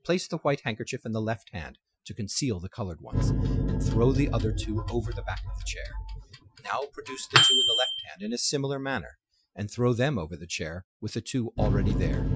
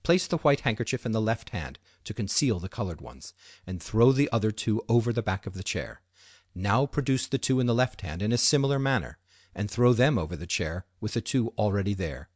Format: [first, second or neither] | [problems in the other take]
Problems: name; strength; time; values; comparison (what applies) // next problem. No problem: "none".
second | noise reduction (classical method Wiener filter)